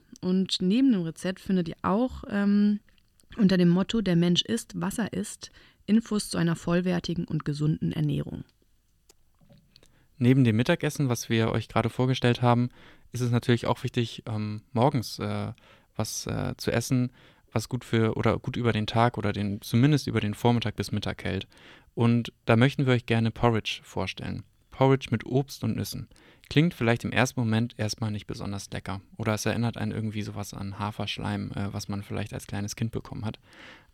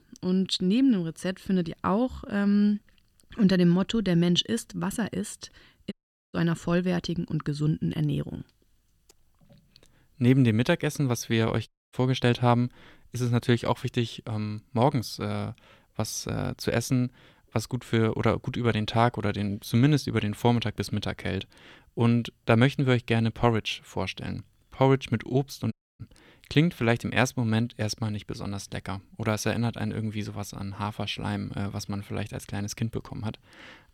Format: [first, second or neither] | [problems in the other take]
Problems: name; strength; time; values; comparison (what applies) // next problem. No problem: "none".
first | audio cutting out; at 6 s, at 12 s and at 26 s